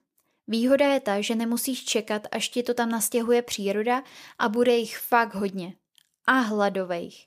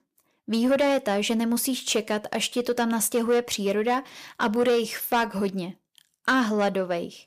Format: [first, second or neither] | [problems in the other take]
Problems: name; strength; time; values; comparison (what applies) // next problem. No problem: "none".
first | distortion; slight; 10 dB below the speech